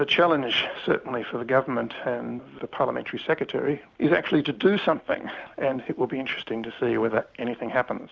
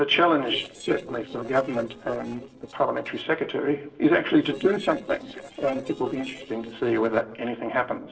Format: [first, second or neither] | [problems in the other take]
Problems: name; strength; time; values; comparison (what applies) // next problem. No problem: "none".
first | noise reduction (neural separator model SepFormer DNS4)